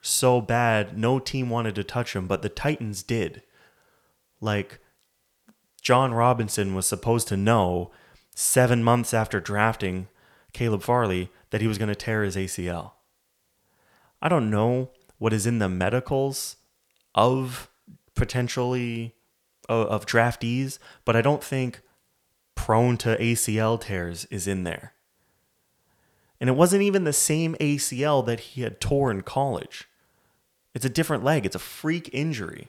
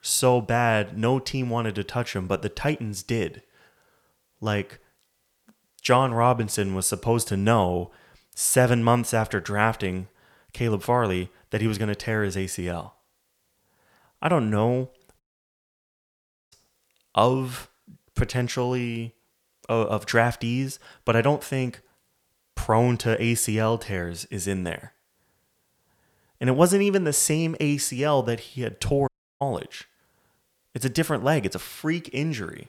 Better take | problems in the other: first | audio cutting out; at 15 s for 1.5 s and at 29 s

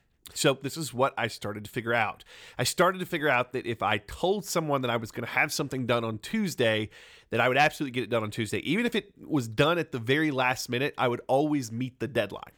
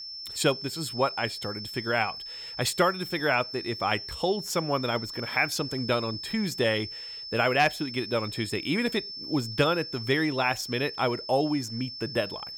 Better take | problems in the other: first | high-pitched whine; loud; throughout; 5.5 kHz, 8 dB below the speech

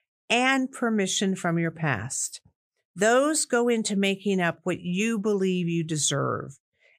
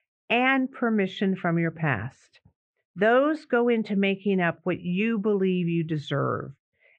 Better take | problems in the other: first | muffled; very; fading above 2.5 kHz

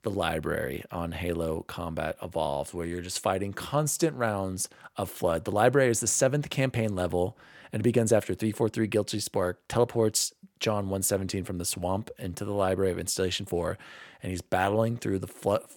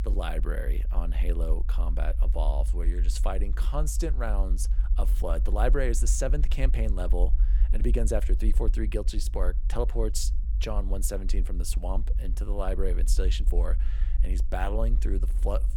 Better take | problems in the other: first | low rumble; noticeable; throughout; 15 dB below the speech

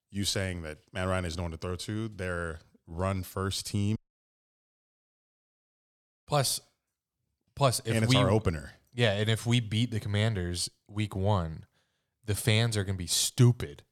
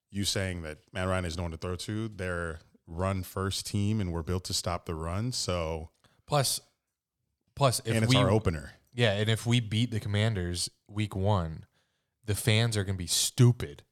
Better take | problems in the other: second | audio cutting out; at 4 s for 2.5 s

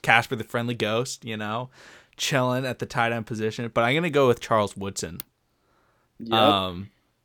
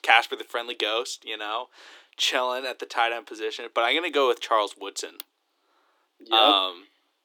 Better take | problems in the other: first | thin; somewhat; fading below 300 Hz

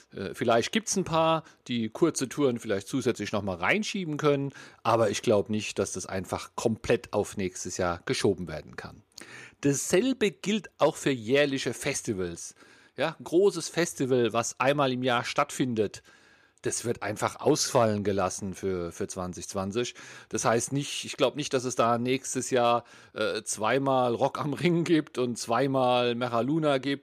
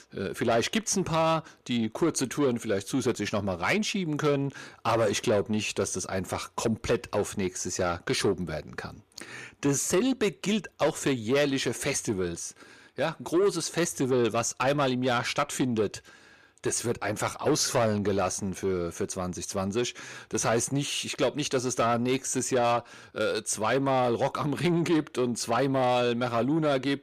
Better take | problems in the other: first | distortion; slight; 10 dB below the speech

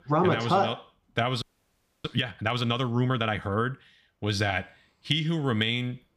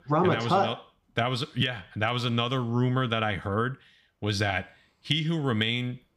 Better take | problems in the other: second | audio freezing; at 1.5 s for 0.5 s

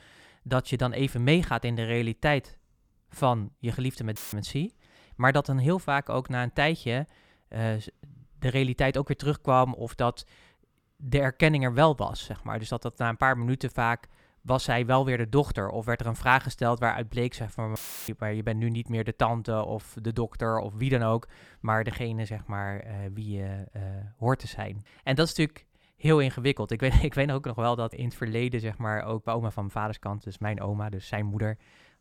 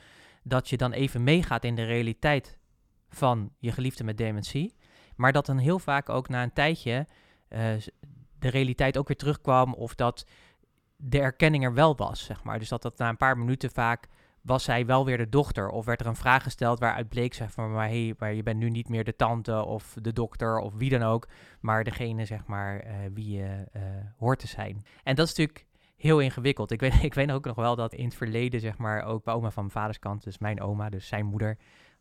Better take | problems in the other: second | audio cutting out; filled with static; at 4 s and at 18 s

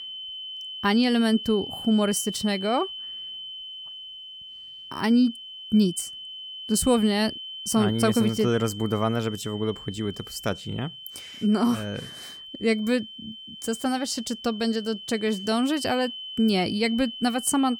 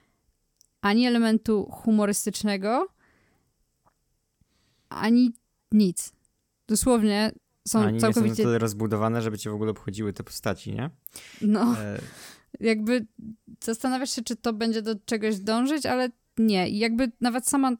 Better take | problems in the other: second | high-pitched whine; noticeable; throughout; 3 kHz, 10 dB below the speech

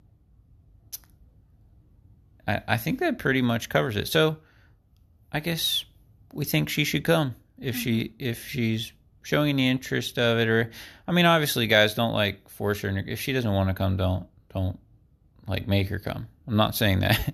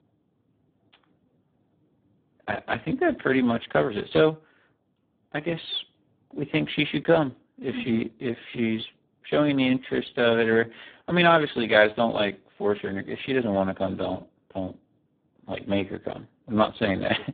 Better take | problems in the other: first | phone-call audio; poor line

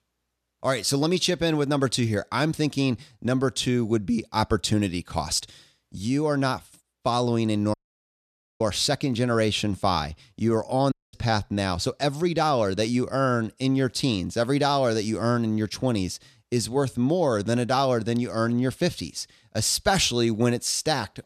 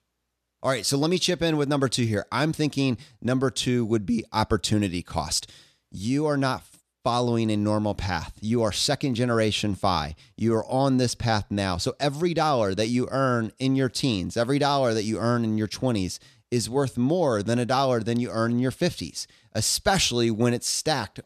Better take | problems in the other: second | audio cutting out; at 7.5 s for 1 s and at 11 s

